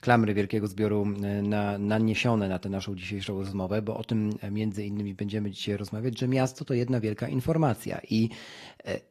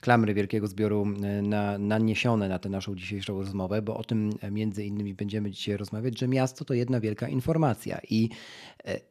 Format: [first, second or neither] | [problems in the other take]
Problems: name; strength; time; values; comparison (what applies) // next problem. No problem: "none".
second | garbled, watery; slightly; nothing above 14.5 kHz